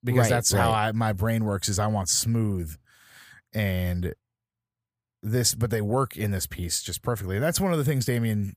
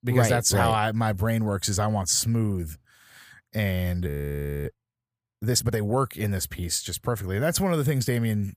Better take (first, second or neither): first